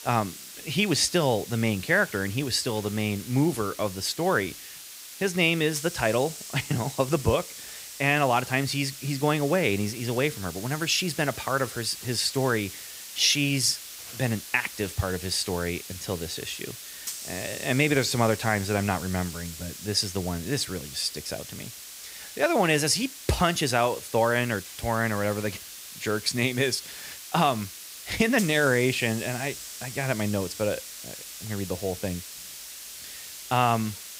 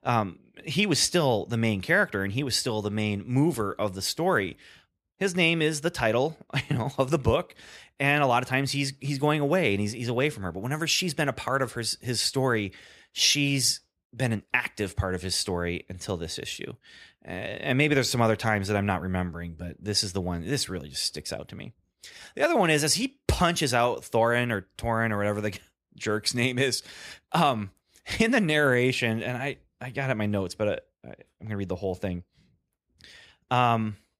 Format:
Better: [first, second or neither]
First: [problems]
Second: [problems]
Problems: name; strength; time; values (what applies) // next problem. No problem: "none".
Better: second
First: hiss; noticeable; throughout; 10 dB below the speech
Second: none